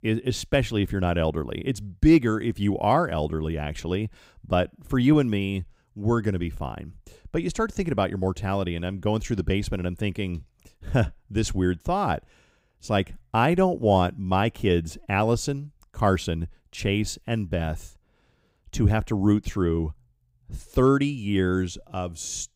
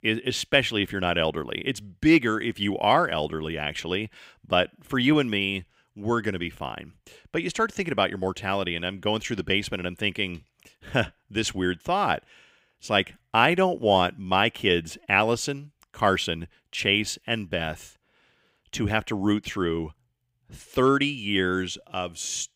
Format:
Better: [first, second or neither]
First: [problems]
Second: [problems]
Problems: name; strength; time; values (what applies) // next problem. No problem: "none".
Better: first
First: none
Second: thin; very slightly; fading below 300 Hz